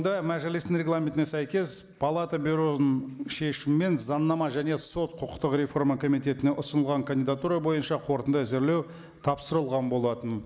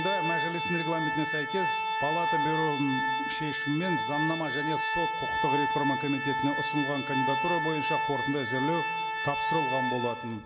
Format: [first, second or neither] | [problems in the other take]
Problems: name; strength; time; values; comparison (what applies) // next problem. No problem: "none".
first | background sound (Organ); 2 dB above the speech